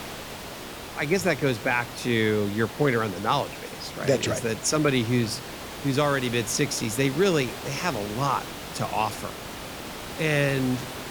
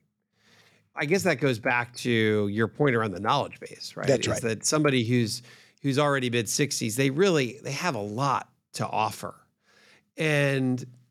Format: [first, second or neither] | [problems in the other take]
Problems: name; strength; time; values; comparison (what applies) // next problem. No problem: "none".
second | hiss; noticeable; throughout; 10 dB below the speech